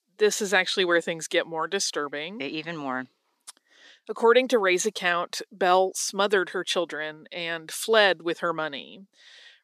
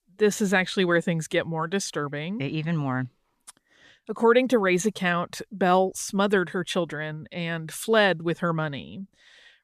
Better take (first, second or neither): second